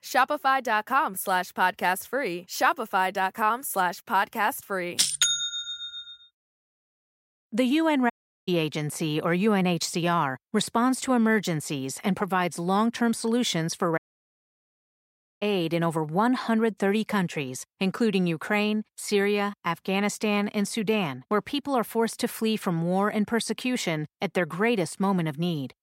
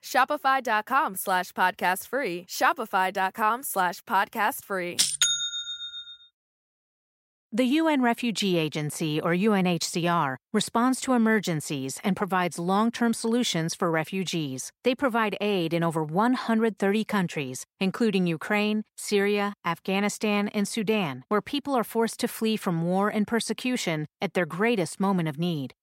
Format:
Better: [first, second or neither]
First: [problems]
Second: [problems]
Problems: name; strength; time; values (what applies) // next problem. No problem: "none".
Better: second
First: audio cutting out; at 8 s and at 14 s for 1.5 s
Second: none